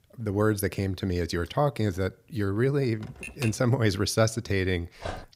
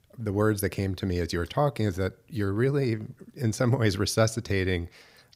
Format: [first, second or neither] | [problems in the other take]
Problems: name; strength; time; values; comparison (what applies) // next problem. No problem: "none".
second | keyboard typing; noticeable; at 3 s; peak 10 dB below the speech // dog barking; faint; at 5 s; peak 10 dB below the speech